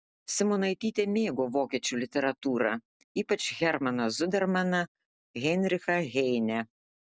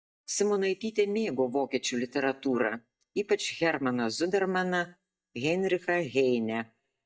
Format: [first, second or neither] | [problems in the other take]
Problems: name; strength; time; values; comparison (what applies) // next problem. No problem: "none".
first | noise reduction (neural mask model DeepFilterNet 3)